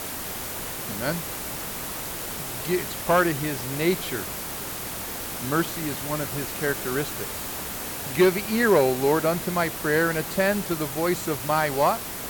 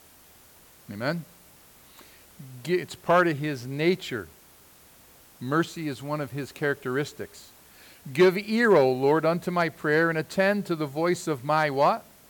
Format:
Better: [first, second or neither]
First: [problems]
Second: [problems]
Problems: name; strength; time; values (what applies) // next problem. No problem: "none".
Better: second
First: hiss; loud; throughout; 6 dB below the speech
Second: hiss; faint; throughout; 25 dB below the speech